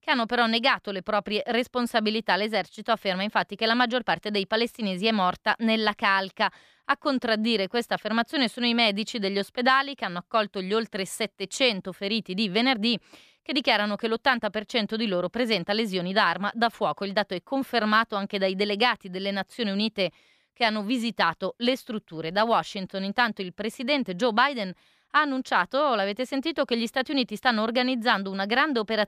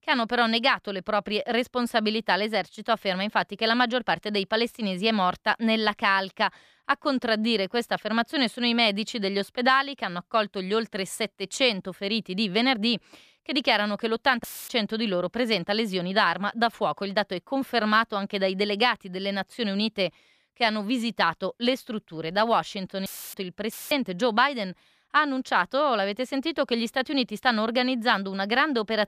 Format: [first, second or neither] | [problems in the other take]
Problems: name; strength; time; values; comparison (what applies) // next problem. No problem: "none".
first | audio cutting out; filled with static; at 14 s, at 23 s and at 24 s